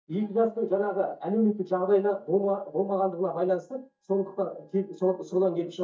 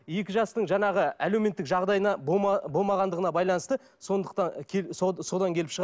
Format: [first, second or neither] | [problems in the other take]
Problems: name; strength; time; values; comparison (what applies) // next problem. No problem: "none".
second | noise reduction (neural mask model DeepFilterNet 3)